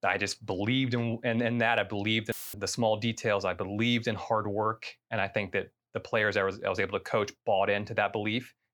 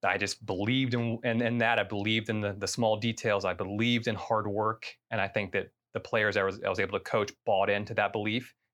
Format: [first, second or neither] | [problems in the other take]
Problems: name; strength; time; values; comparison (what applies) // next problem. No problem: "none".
second | audio cutting out; filled with static; at 2.5 s